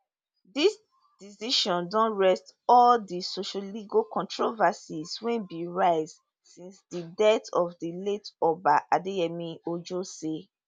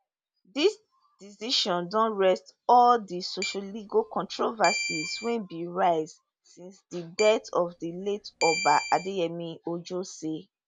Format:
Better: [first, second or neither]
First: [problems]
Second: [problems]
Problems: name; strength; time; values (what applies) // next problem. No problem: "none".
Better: first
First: none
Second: background sound (Keyboard (musical)); 8 dB below the speech